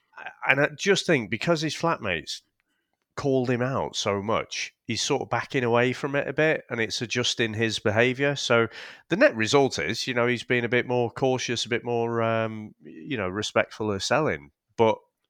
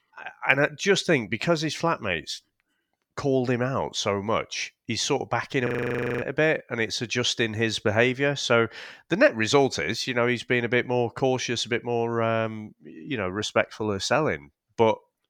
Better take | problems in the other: first | audio freezing; at 5.5 s for 0.5 s

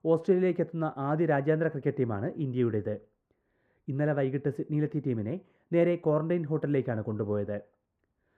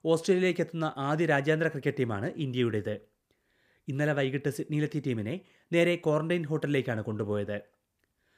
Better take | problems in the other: second | muffled; very; fading above 2.5 kHz

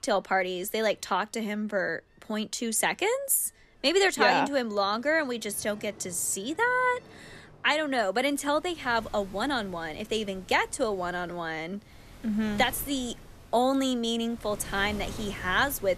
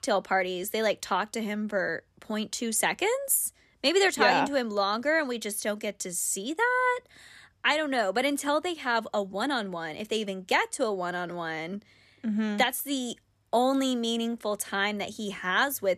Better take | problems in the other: second | rain or running water; faint; throughout; 20 dB below the speech

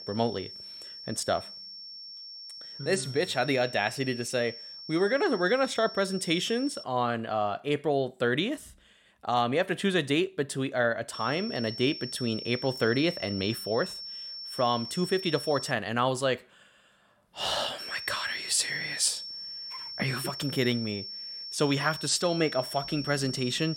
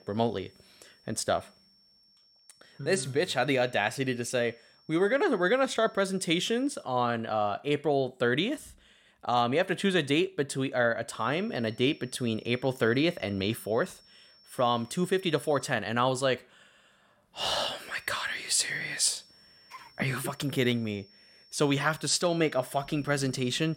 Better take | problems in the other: second | high-pitched whine; loud; until 7 s, from 11 to 16 s and from 18 s on; 5.5 kHz, 9 dB below the speech; faint in the second

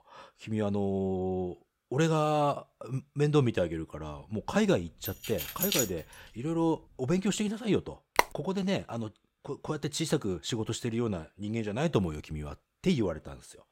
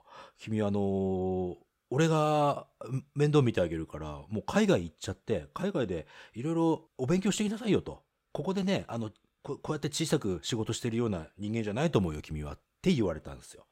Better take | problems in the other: second | jangling keys; loud; at 5 s; peak 3 dB above the speech // phone ringing; very faint; at 8 s; peak 2 dB above the speech

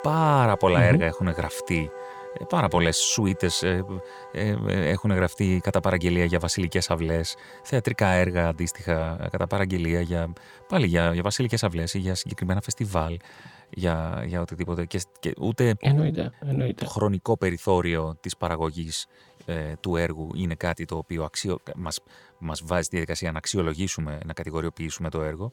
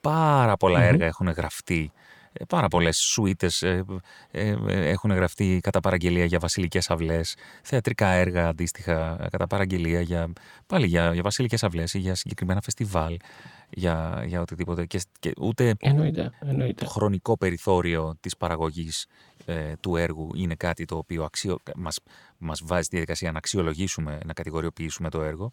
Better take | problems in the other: second | background music; noticeable; throughout; 20 dB below the speech

